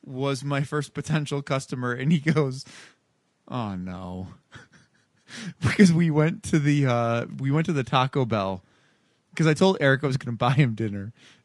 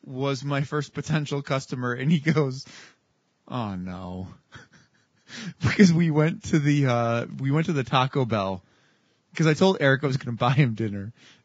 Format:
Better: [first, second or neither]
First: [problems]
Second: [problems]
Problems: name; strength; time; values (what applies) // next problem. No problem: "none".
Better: first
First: garbled, watery; slightly; nothing above 10.5 kHz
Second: garbled, watery; badly; nothing above 7.5 kHz